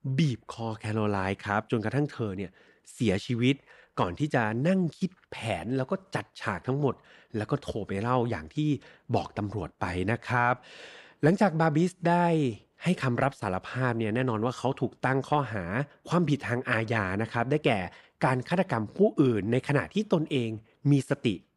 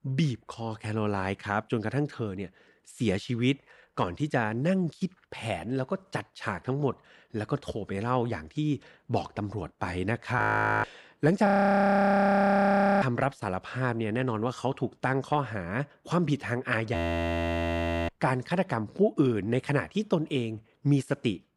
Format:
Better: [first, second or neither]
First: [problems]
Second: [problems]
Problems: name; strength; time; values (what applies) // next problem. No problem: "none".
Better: first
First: none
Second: audio freezing; at 10 s, at 11 s for 1.5 s and at 17 s for 1 s